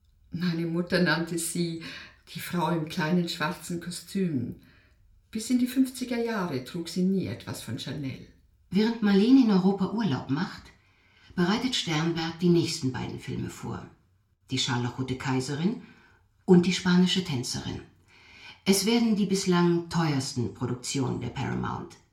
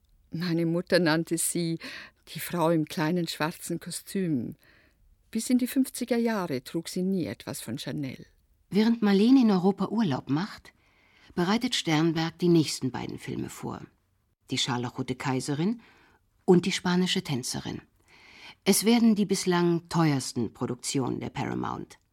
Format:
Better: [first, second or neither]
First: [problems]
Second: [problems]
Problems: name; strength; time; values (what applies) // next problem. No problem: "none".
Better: second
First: room echo; very slight; dies away in 0.3 s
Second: none